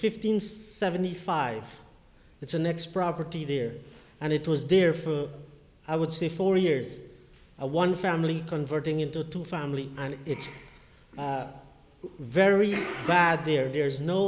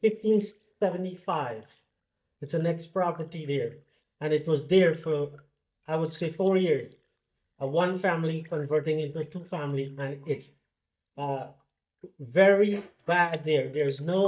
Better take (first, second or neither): first